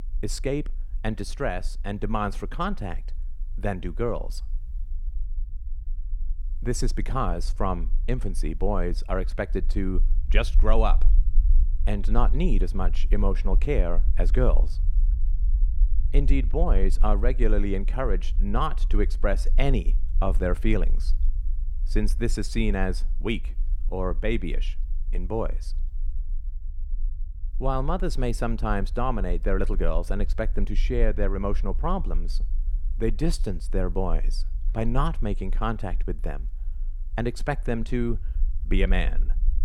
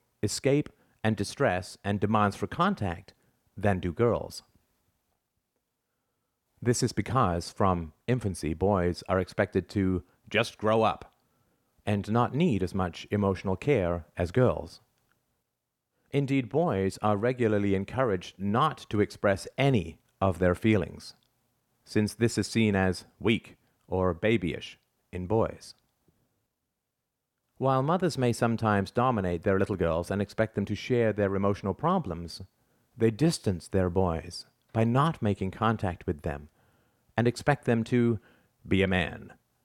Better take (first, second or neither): second